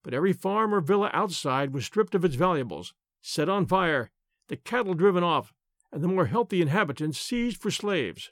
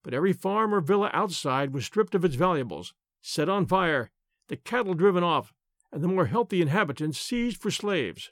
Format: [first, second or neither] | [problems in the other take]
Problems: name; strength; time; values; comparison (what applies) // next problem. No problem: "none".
neither | none